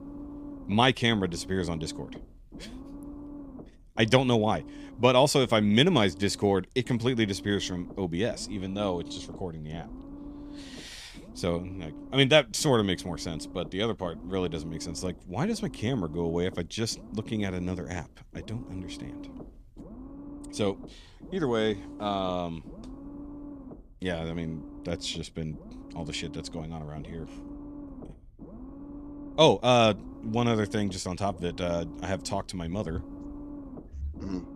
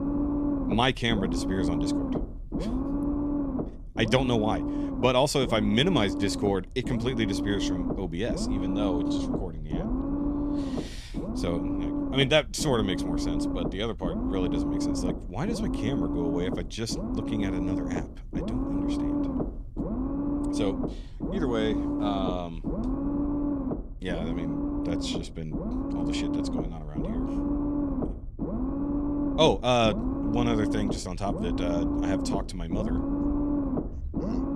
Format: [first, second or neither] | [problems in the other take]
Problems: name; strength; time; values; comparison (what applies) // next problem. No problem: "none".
first | low rumble; loud; throughout; 5 dB below the speech; faint in the first